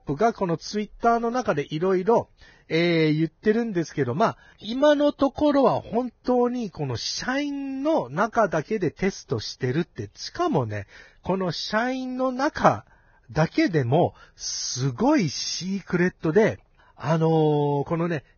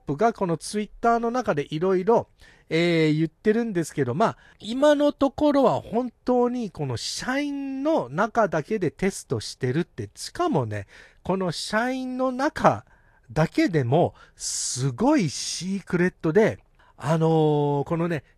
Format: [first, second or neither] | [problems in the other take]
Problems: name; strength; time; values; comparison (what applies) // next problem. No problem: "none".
second | garbled, watery; badly; nothing above 6.5 kHz; slightly in the second